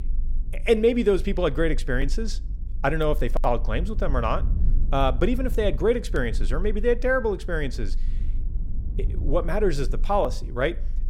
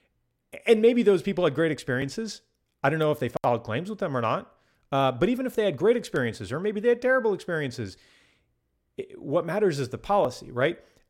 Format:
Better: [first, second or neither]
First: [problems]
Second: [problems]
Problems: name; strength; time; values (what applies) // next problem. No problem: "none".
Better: second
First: low rumble; faint; throughout; 25 dB below the speech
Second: none